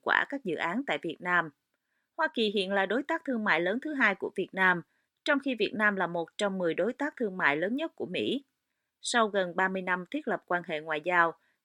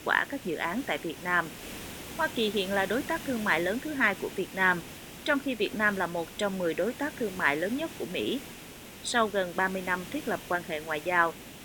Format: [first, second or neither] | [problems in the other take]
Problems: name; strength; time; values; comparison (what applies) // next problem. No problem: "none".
first | hiss; noticeable; throughout; 15 dB below the speech